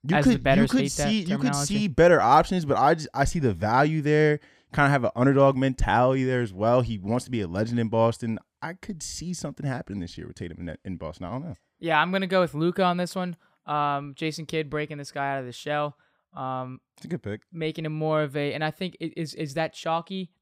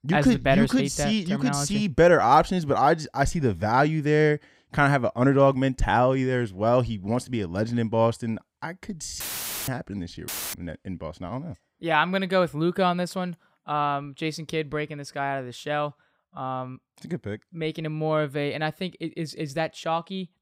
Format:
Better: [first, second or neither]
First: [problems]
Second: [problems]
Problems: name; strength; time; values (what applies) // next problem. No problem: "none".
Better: first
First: none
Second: audio cutting out; filled with static; at 9 s and at 10 s